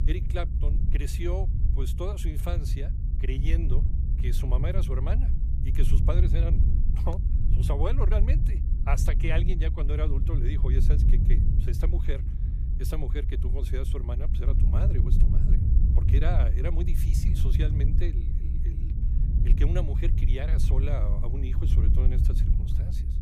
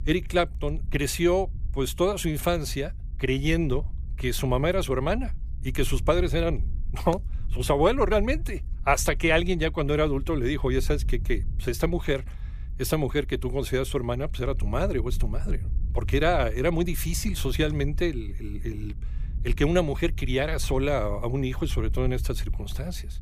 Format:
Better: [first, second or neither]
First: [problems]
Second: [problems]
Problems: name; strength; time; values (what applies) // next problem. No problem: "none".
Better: second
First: low rumble; loud; throughout; 4 dB below the speech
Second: low rumble; faint; throughout; 25 dB below the speech